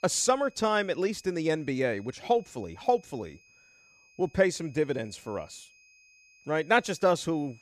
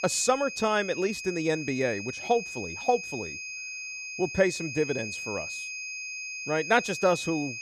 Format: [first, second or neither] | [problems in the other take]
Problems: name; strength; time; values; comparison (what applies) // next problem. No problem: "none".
first | high-pitched whine; loud; throughout; 2.5 kHz, 7 dB below the speech; faint in the first